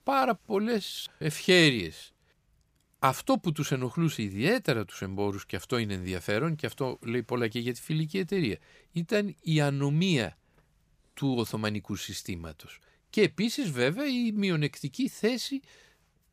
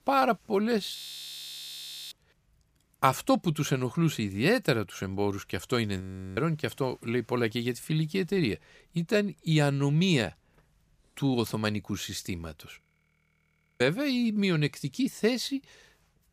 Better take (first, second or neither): first